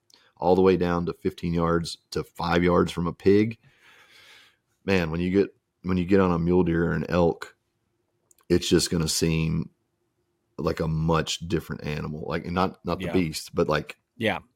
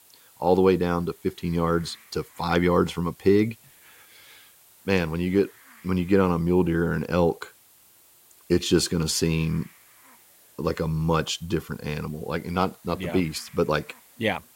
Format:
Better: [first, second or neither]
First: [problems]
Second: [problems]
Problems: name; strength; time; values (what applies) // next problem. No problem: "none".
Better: first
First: none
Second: hiss; faint; throughout; 25 dB below the speech